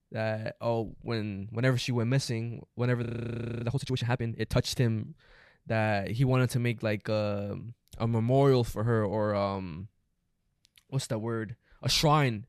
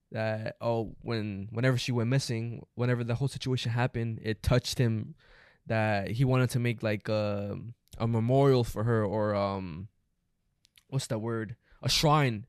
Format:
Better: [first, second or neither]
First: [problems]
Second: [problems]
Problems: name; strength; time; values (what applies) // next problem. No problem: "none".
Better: second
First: audio freezing; at 3 s for 0.5 s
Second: none